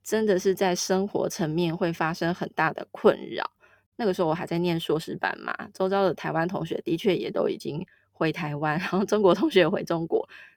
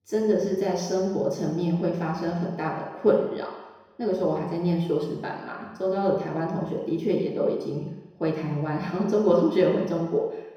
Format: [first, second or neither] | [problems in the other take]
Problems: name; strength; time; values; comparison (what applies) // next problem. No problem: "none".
first | room echo; noticeable; dies away in 1 s // off-mic speech; far